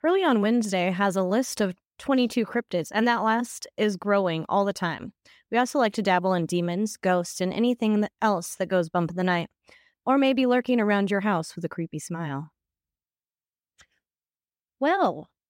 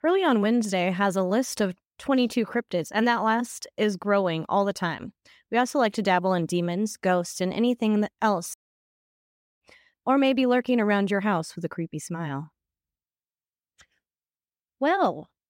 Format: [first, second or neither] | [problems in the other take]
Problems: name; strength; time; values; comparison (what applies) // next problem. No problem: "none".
first | audio cutting out; at 8.5 s for 1 s